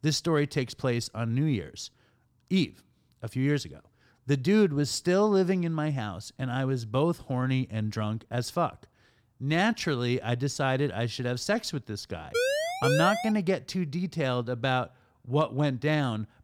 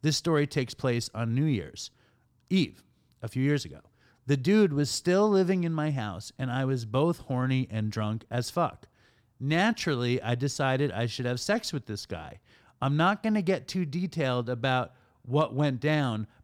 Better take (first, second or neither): second